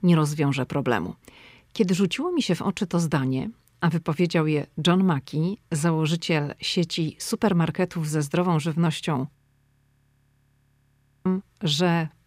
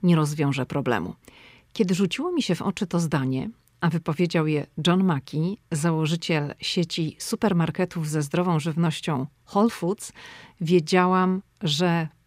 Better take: second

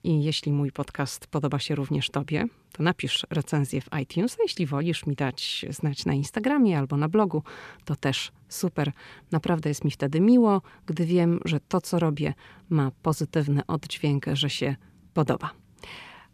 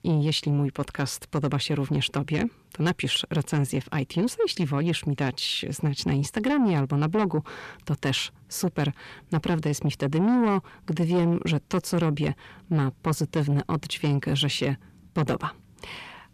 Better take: first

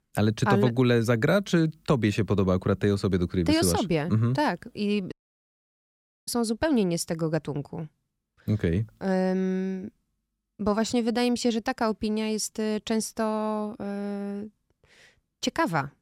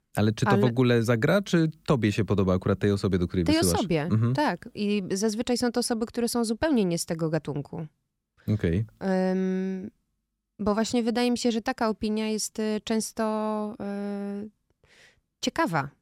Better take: second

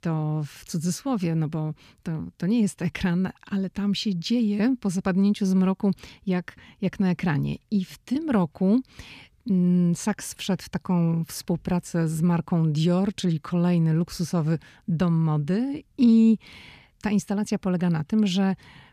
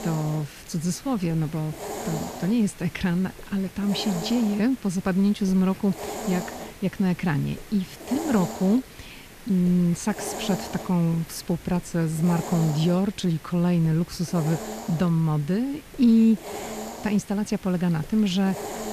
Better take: first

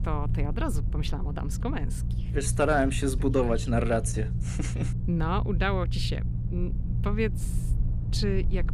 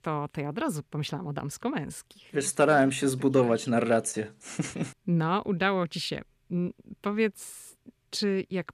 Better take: second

